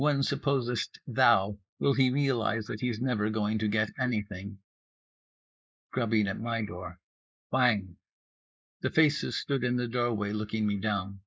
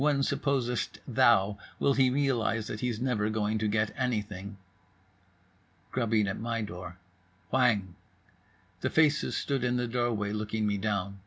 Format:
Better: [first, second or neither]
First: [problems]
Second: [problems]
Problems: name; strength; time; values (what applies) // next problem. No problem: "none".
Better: second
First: noise reduction (neural mask model Resemble Enhance denoiser)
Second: none